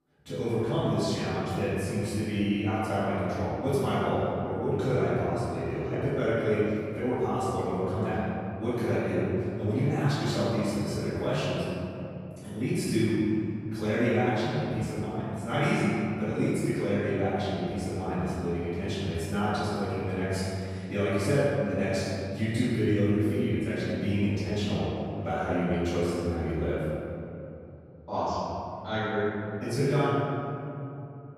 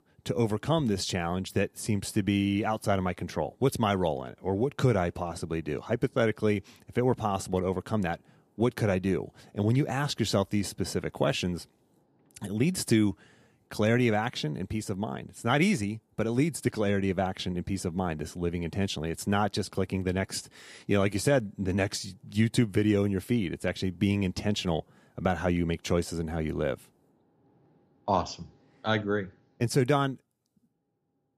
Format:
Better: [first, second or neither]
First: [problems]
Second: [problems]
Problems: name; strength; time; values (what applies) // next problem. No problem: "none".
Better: second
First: off-mic speech; far // room echo; strong; dies away in 2.8 s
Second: none